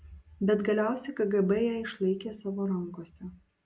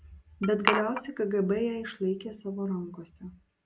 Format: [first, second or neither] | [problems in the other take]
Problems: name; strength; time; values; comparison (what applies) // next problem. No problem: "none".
first | background sound (Glass); 1 dB below the speech